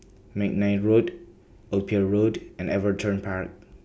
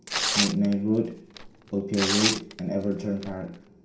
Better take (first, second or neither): first